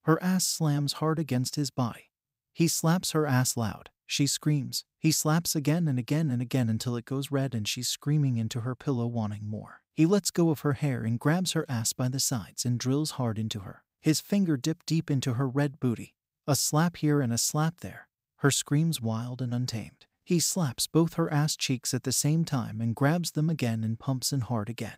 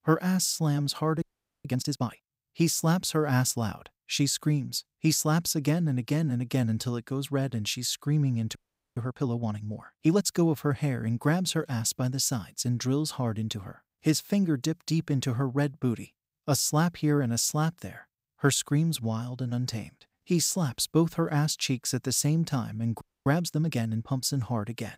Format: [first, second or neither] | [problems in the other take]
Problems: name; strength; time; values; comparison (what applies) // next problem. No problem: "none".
first | audio freezing; at 1 s, at 8.5 s and at 23 s